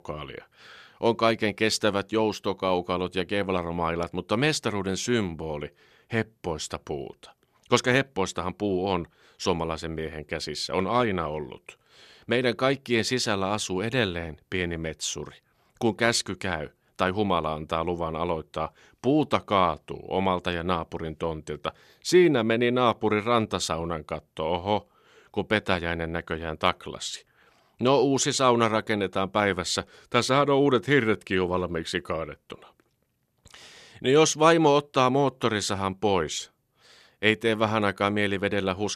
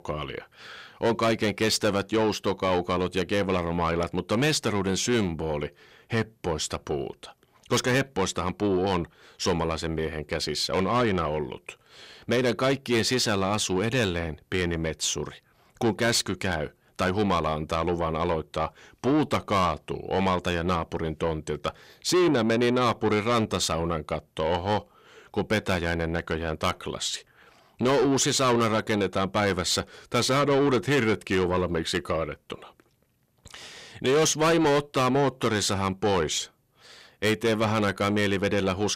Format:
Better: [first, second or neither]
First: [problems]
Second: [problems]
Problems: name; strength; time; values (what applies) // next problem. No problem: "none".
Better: first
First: none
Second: distortion; heavy; 8 dB below the speech